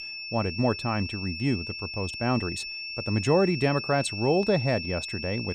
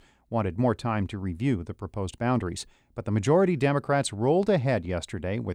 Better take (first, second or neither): second